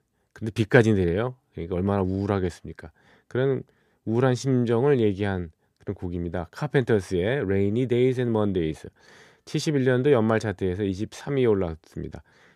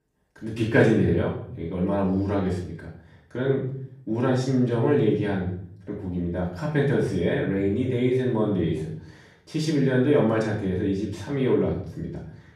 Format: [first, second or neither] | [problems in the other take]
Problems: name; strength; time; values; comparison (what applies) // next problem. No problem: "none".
first | off-mic speech; far // room echo; noticeable; dies away in 0.6 s